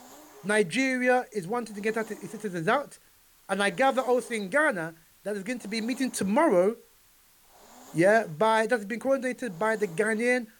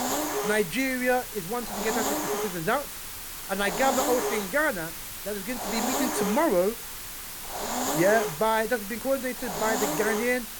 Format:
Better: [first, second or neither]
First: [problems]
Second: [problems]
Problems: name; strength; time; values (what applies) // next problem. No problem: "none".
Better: first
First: hiss; faint; throughout; 25 dB below the speech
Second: hiss; loud; throughout; 3 dB below the speech